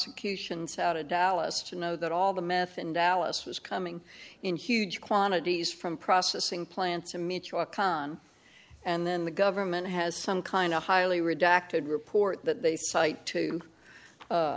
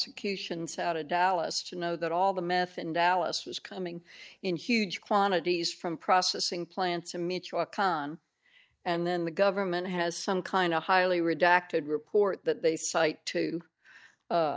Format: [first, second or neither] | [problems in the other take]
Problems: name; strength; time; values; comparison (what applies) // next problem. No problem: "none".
first | noise reduction (neural mask model DeepFilterNet 3)